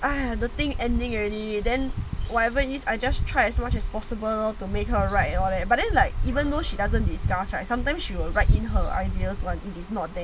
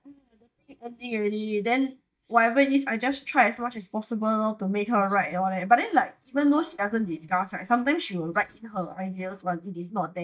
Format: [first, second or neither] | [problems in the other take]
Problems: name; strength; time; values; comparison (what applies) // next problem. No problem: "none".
first | noise reduction (neural mask model DeepFilterNet 3)